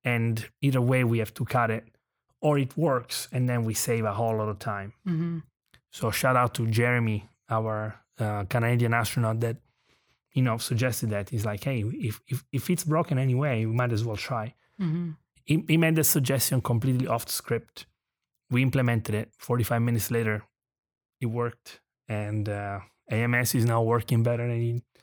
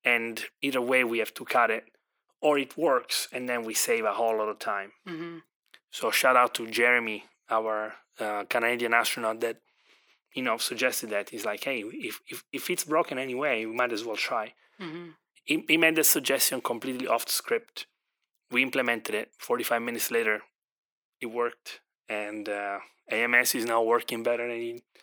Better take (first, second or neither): first